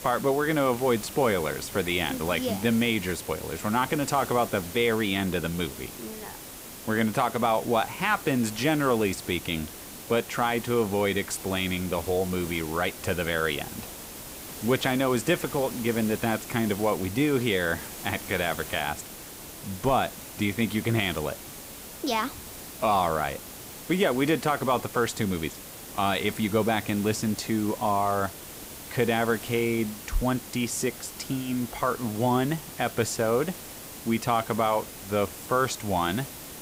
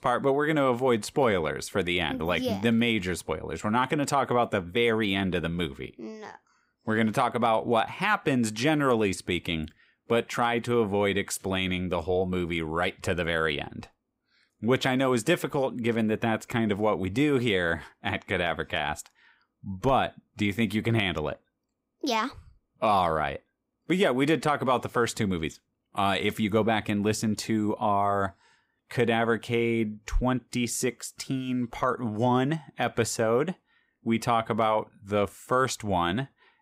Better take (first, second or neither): second